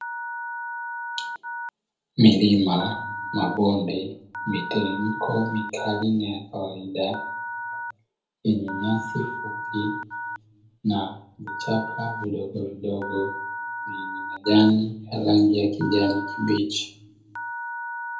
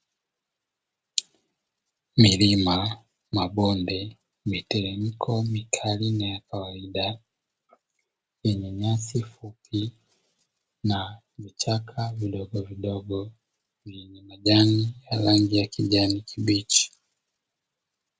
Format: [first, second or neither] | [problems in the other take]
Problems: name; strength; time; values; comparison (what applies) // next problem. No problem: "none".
second | background sound (Telephone); 9 dB below the speech // room echo; dies away in 0.7 s